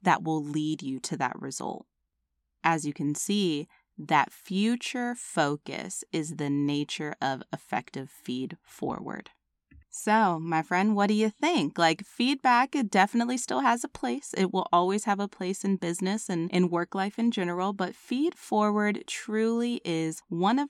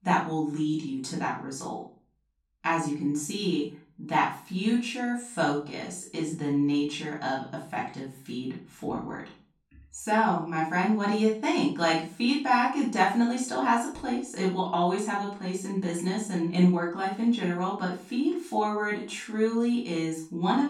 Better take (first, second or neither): first